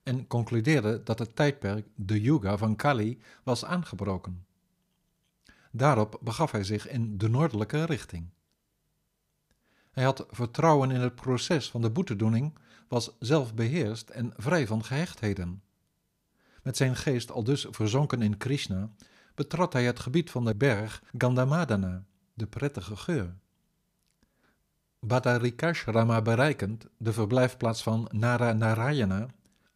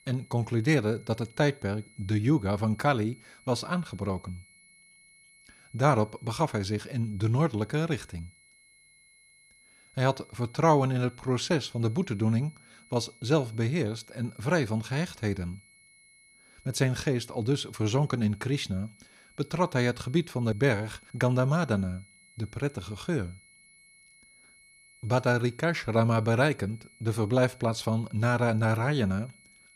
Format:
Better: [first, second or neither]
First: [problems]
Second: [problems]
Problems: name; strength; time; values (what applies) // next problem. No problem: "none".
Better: first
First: none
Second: high-pitched whine; faint; throughout; 2 kHz, 25 dB below the speech